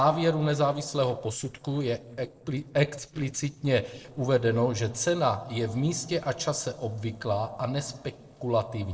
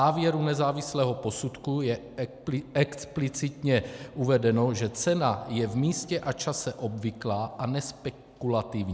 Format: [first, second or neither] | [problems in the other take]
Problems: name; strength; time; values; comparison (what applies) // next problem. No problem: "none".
second | noise reduction (neural separator model SepFormer DNS4)